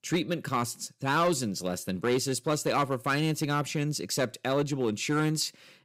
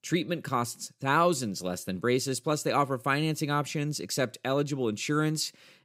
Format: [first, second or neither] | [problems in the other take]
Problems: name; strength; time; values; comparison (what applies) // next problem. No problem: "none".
second | distortion; slight; 4% of the sound clipped